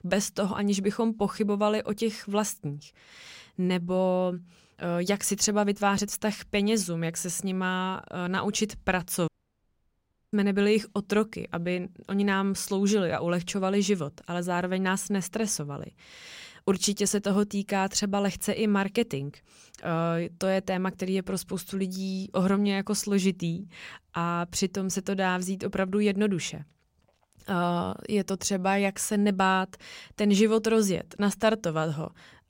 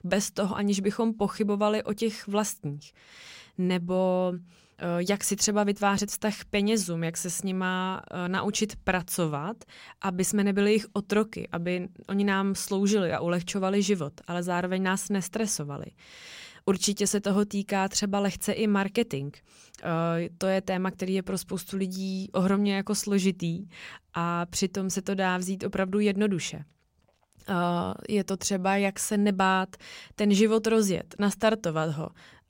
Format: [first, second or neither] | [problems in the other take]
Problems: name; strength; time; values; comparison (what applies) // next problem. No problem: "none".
second | audio cutting out; at 9.5 s for 1 s